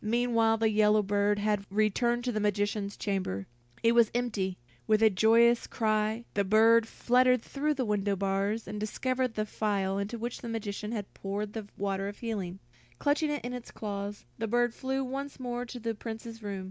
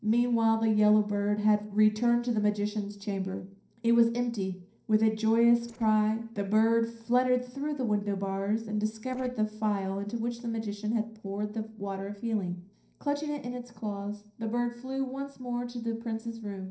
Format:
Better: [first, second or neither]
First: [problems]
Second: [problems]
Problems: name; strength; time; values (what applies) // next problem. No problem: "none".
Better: first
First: none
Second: noise reduction (neural separator model SepFormer DNS4)